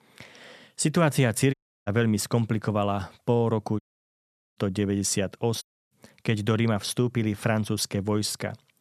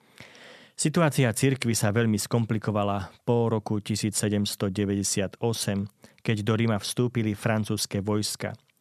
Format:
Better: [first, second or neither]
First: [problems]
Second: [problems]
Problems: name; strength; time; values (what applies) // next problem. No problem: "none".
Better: second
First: audio cutting out; at 1.5 s, at 4 s for 1 s and at 5.5 s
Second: none